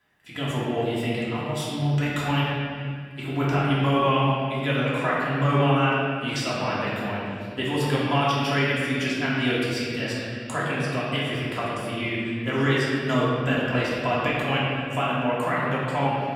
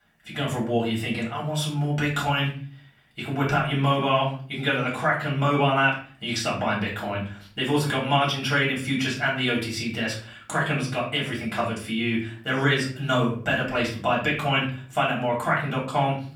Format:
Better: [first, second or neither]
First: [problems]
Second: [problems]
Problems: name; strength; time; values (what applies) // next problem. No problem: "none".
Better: second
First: room echo; strong; dies away in 2.3 s // off-mic speech; far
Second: room echo; slight; dies away in 0.4 s // off-mic speech; far